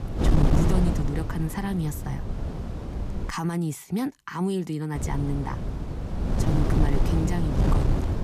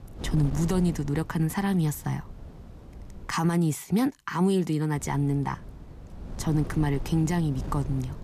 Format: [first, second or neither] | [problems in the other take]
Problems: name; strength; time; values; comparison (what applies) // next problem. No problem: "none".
second | wind noise on the microphone; heavy; until 3.5 s and from 5 s on; 1 dB below the speech; occasional gusts in the second